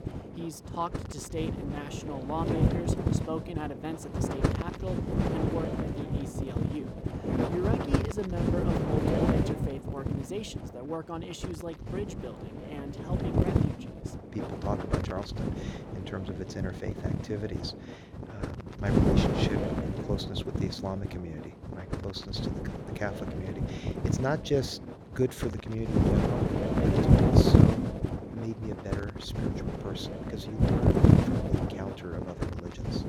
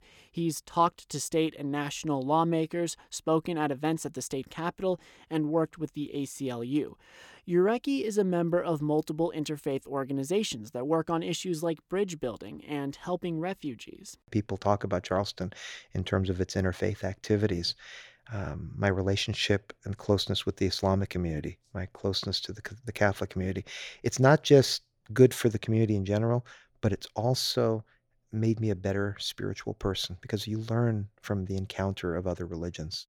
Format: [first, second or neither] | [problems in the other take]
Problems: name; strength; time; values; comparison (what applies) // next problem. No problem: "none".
second | wind noise on the microphone; heavy; 4 dB above the speech